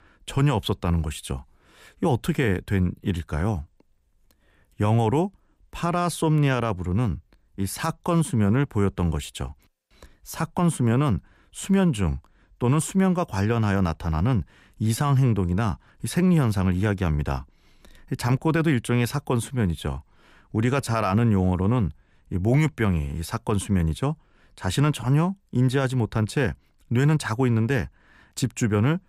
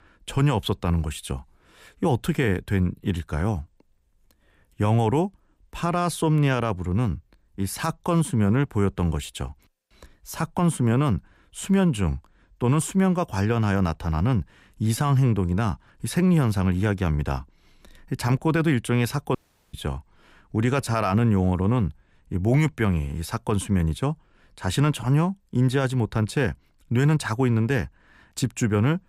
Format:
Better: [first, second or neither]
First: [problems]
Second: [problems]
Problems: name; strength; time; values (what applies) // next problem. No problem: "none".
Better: first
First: none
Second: audio cutting out; at 19 s